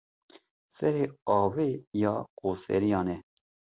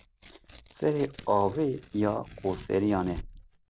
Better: first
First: none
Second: background sound (Tearing); 17 dB below the speech

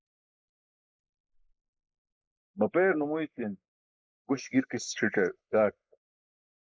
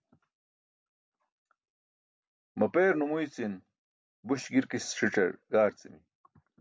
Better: second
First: noise reduction (neural mask model Resemble Enhance denoiser)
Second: none

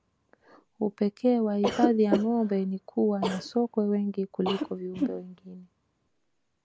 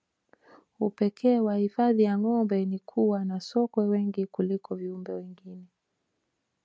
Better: second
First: background sound (Cough); 7 dB below the speech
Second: none

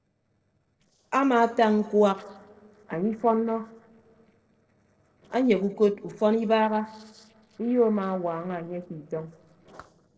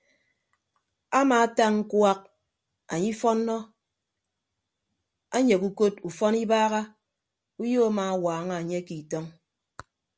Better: second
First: noise reduction (neural separator model SepFormer DNS4)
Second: none

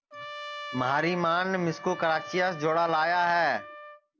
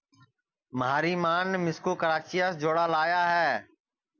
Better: second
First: background sound (Trumpet); 14 dB below the speech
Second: none

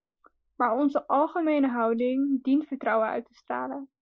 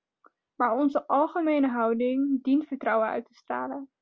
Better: second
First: noise reduction (neural mask model Resemble Enhance denoiser)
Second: none

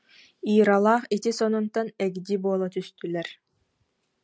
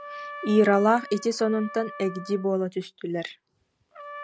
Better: first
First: none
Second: background sound (Trumpet); 16 dB below the speech

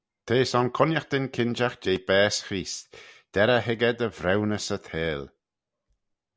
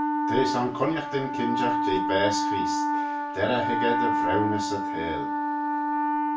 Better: first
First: none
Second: background sound (Wind instrument, woodwind instrument); 3 dB above the speech // room echo; dies away in 0.3 s

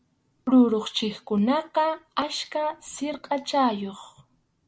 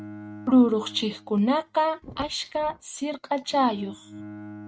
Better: first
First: none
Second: noise reduction (neural mask model RNNoise)

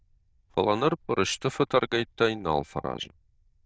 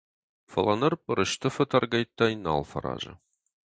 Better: second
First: noise reduction (neural diffusion model UNIVERSE++)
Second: none

